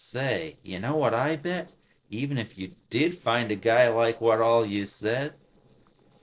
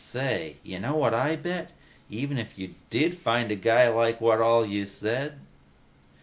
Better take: second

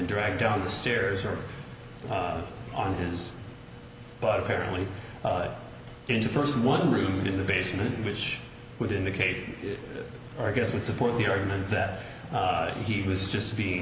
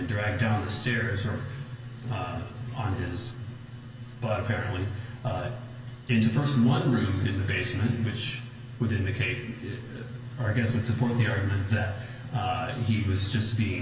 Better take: first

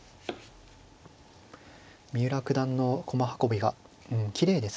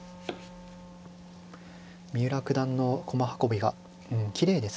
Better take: first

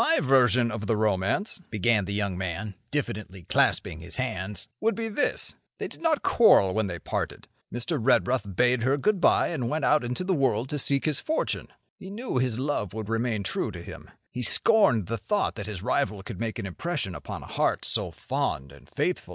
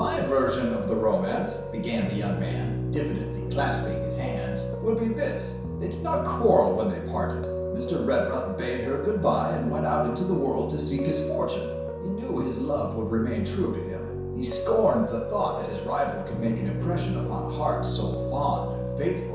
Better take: first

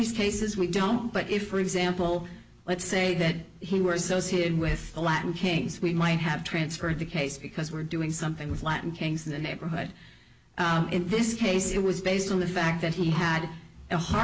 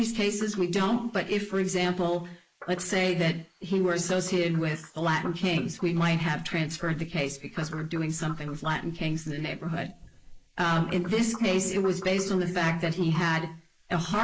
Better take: first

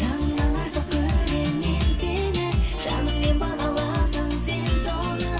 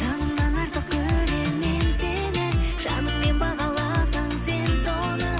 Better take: second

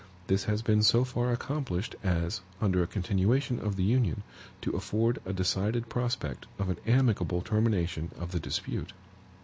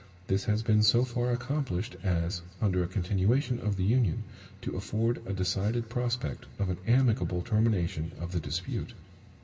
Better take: first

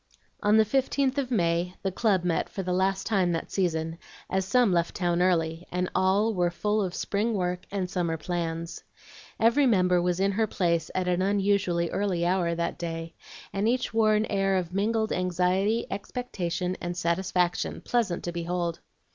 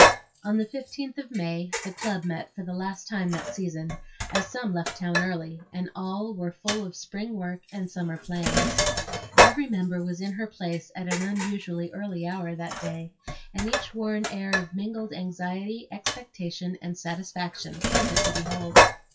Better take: first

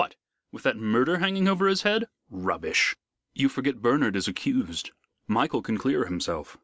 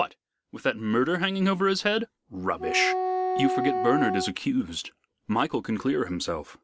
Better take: first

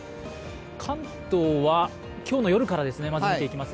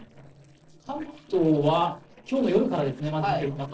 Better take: first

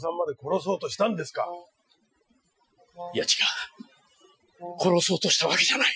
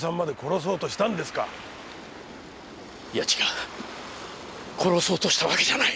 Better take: second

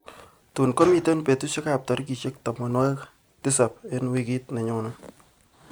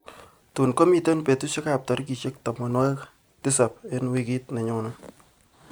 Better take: second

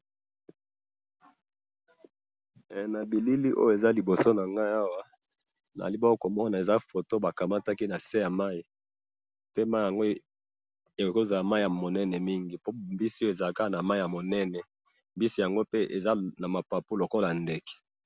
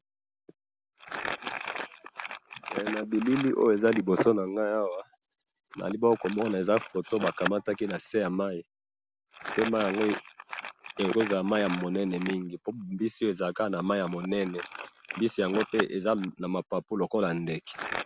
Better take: first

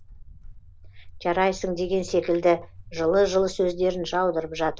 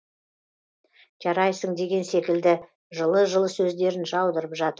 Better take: second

